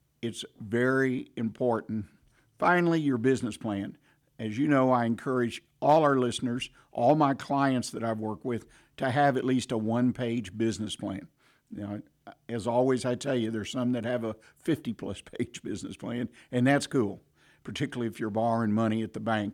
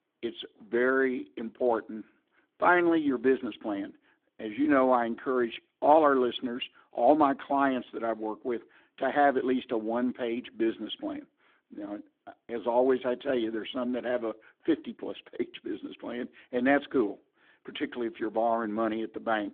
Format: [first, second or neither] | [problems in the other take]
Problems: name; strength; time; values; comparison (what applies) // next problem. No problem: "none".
first | phone-call audio; nothing above 3.5 kHz